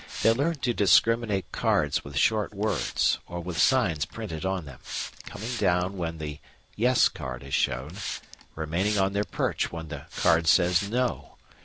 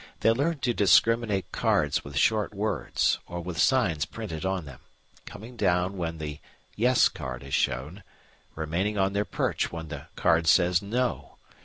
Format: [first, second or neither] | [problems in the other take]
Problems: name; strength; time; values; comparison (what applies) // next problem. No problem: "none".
second | background sound (Hiss); 13 dB below the speech